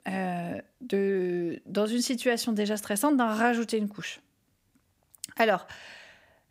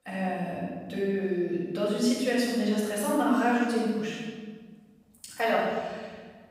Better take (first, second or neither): first